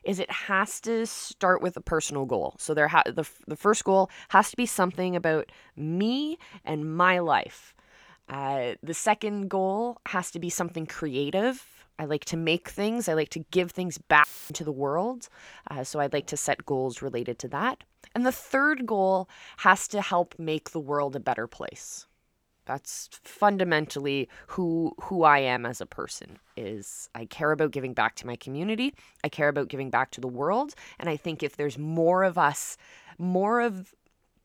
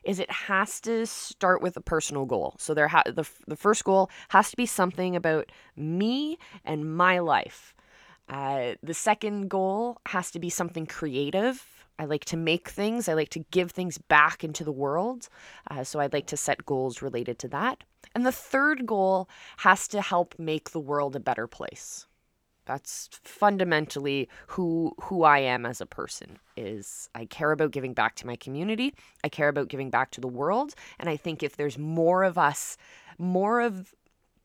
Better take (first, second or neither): second